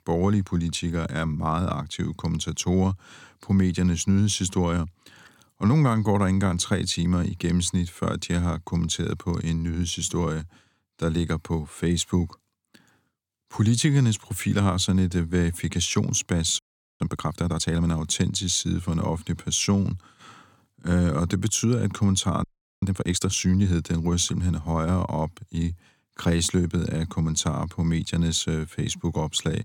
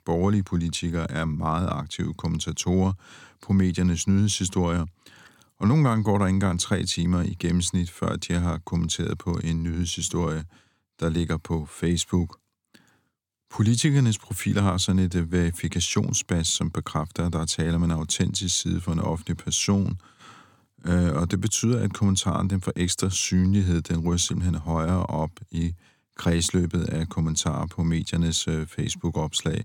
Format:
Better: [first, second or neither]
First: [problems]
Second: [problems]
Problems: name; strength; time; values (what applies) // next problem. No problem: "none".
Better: second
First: audio freezing; at 17 s and at 22 s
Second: none